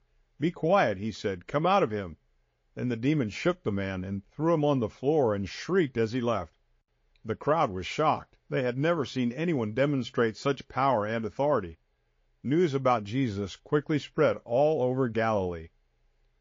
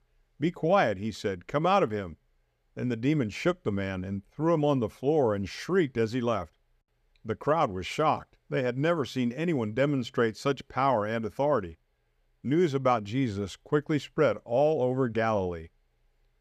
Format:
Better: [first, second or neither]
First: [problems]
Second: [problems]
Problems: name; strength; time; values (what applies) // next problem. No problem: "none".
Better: second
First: garbled, watery; slightly; nothing above 6 kHz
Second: none